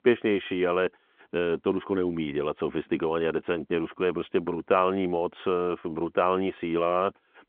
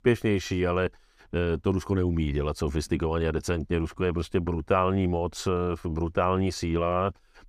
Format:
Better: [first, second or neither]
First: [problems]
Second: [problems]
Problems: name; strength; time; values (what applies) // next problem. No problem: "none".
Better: second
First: phone-call audio; nothing above 3.5 kHz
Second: none